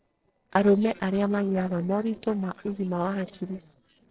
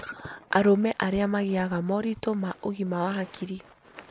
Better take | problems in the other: second | noise reduction (neural separator model SepFormer DNS4)

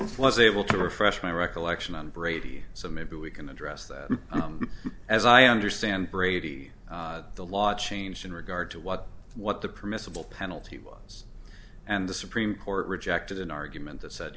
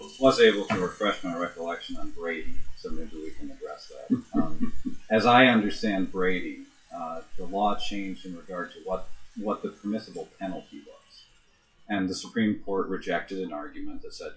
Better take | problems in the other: first | noise reduction (classical method WPE with log-MMSE)

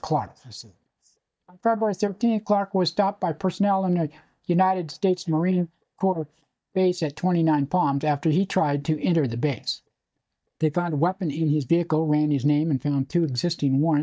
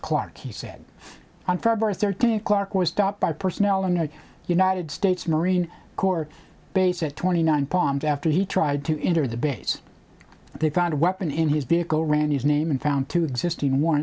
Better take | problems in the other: second | noise reduction (neural mask model DeepFilterNet 3)

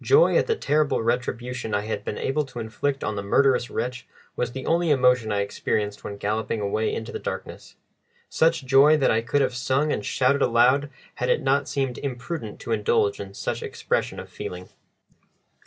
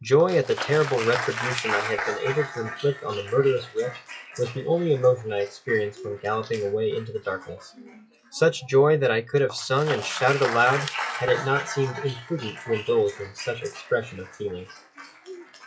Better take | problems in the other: first | noise reduction (classical method log-MMSE)

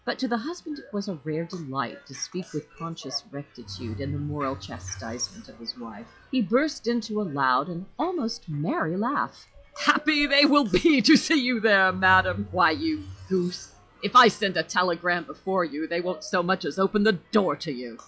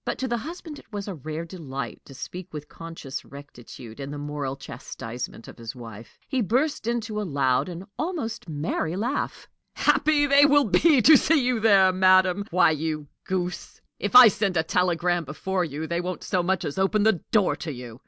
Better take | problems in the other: second | noise reduction (classical method log-MMSE)

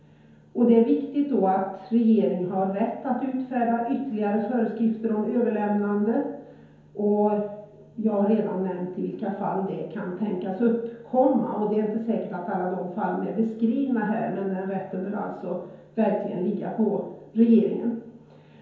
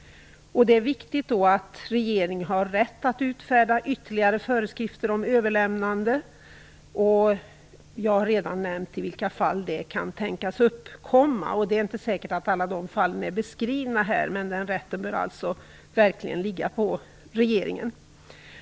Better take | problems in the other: second | room echo; dies away in 0.9 s

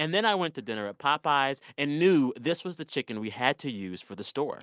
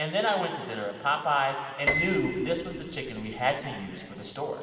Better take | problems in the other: first | background sound (Piano); 5 dB below the speech // room echo; dies away in 2.3 s

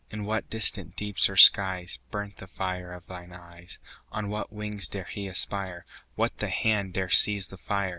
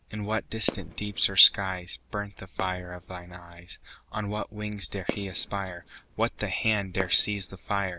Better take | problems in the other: first | background sound (Fireworks); 13 dB below the speech

